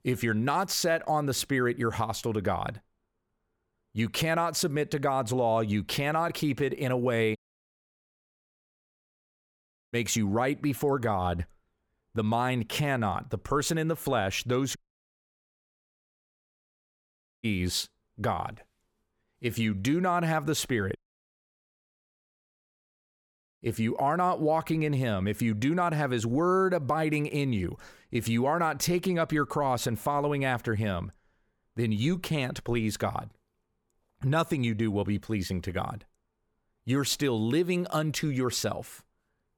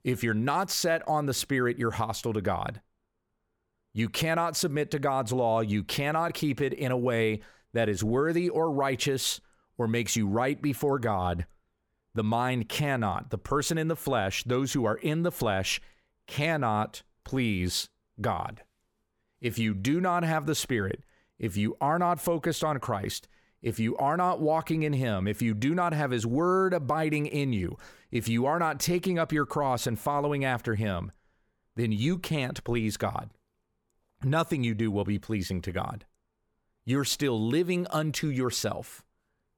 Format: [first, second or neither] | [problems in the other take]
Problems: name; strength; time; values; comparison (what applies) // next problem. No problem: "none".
second | audio cutting out; at 7.5 s for 2.5 s, at 15 s for 2.5 s and at 21 s for 2.5 s